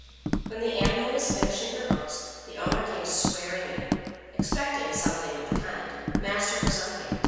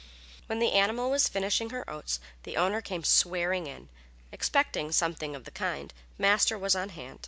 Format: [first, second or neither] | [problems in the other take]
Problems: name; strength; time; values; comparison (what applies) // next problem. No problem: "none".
second | background sound (Walk, footsteps); 1 dB below the speech // room echo; dies away in 1.9 s